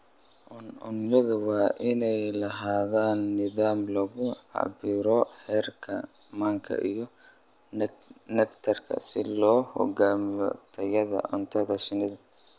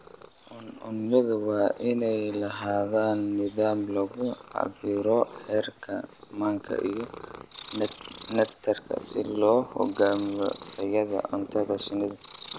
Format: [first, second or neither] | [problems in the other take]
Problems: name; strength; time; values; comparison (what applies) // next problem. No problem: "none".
first | background sound (Purr); 17 dB below the speech